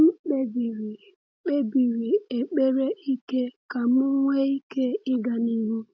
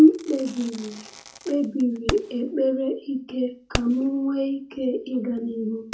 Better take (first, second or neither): first